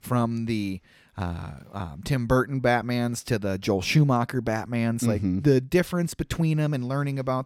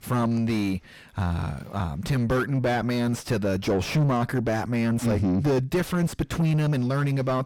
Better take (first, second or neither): first